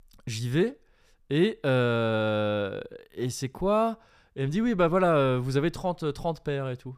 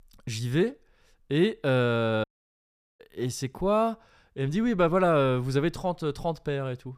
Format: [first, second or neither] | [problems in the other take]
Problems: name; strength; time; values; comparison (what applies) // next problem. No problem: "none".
first | audio cutting out; at 2 s for 1 s